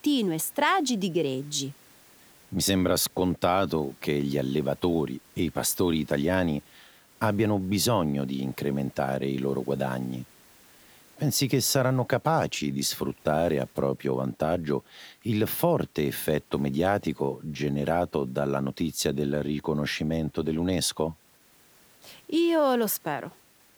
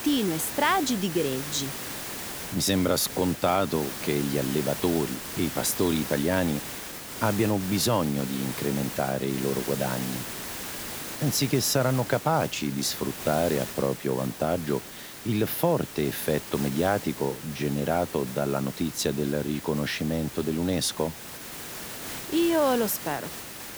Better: first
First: hiss; faint; throughout; 30 dB below the speech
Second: hiss; loud; throughout; 8 dB below the speech

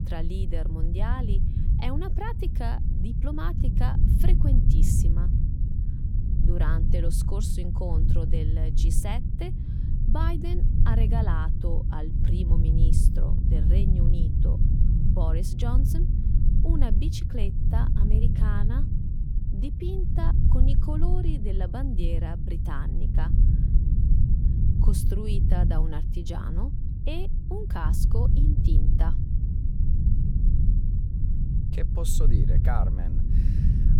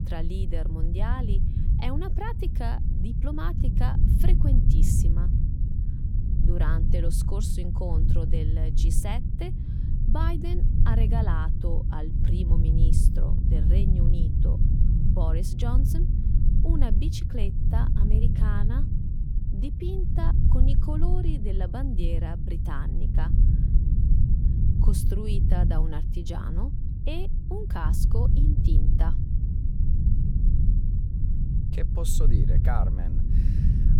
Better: neither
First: low rumble; loud; throughout; 2 dB below the speech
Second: low rumble; loud; throughout; 2 dB below the speech

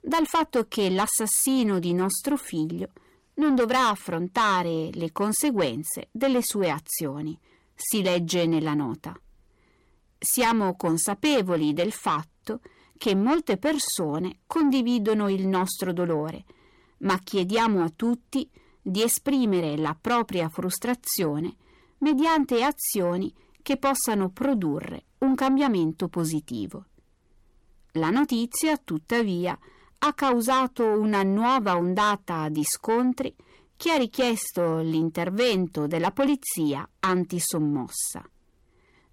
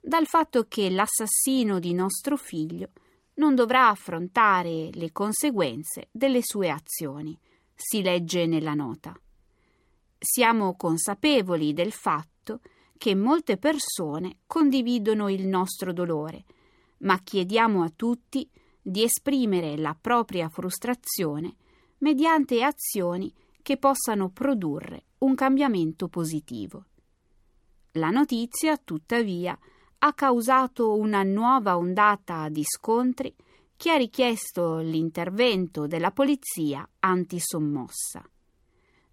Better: second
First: distortion; slight; 10 dB below the speech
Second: none

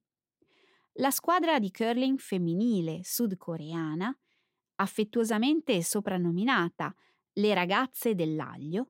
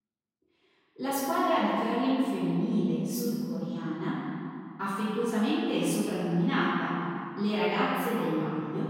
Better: first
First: none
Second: off-mic speech; far // room echo; strong; dies away in 2.5 s

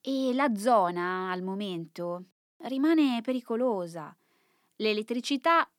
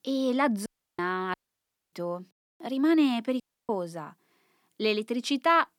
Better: first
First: none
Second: audio cutting out; at 0.5 s, at 1.5 s for 0.5 s and at 3.5 s

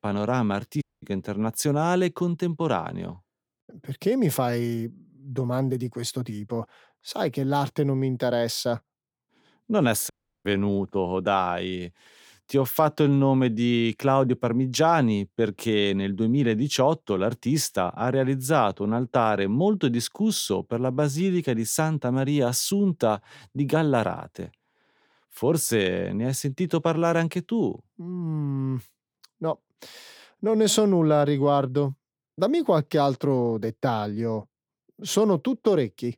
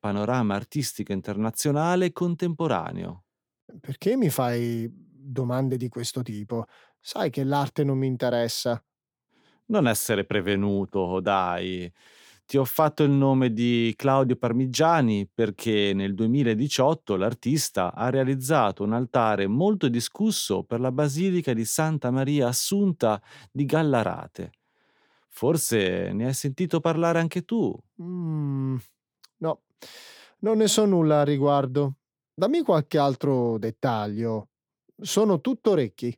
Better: second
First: audio cutting out; at 1 s and at 10 s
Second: none

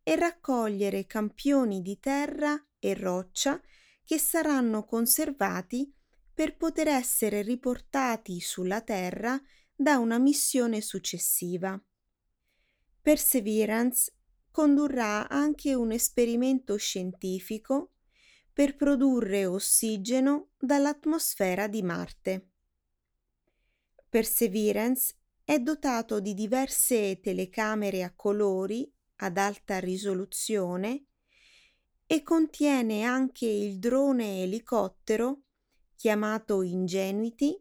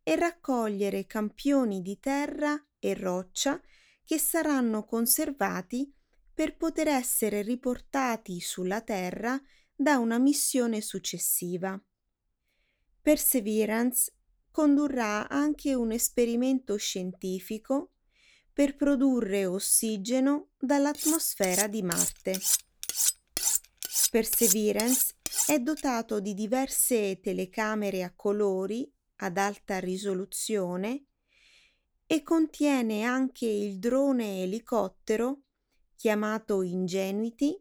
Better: first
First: none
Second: clattering dishes; loud; from 21 to 26 s; peak 4 dB above the speech

